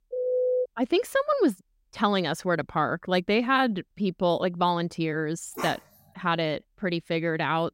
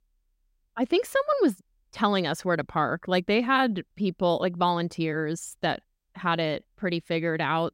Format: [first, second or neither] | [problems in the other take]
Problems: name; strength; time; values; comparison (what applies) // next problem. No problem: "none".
second | phone ringing; loud; at the start; peak 1 dB above the speech // dog barking; noticeable; at 5.5 s; peak 9 dB below the speech